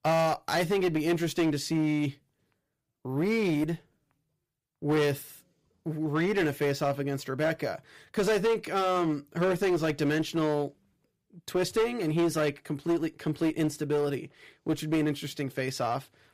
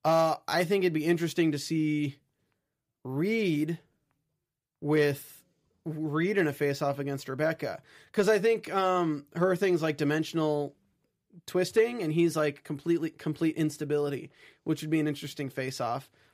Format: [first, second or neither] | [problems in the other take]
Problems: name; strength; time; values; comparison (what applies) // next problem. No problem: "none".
second | distortion; slight; 11% of the sound clipped